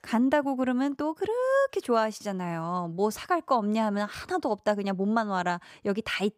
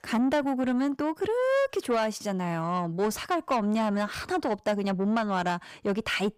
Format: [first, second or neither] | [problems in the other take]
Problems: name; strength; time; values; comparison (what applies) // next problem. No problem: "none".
first | distortion; slight; 10 dB below the speech